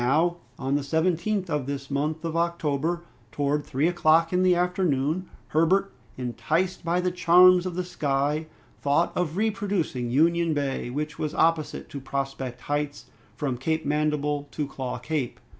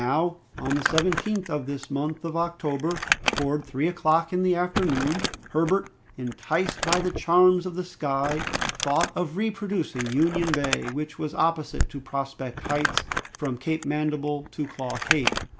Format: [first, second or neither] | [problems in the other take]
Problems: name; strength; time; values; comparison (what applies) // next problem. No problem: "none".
first | background sound (Crumpling, crinkling); 6 dB below the speech